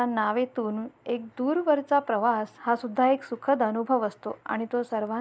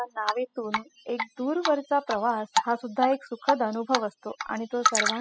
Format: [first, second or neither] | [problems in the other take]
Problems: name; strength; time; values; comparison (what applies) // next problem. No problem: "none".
first | noise reduction (classical method spectral subtraction)